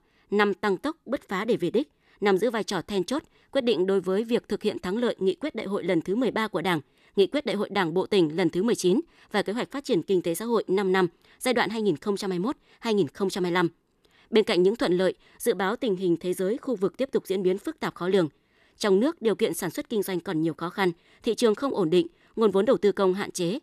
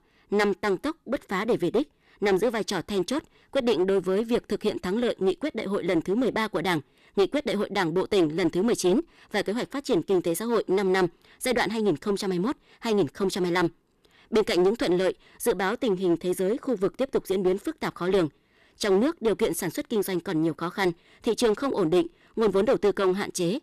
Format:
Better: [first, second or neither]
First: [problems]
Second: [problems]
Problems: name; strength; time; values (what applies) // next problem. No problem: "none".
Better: first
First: none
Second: distortion; slight; 7% of the sound clipped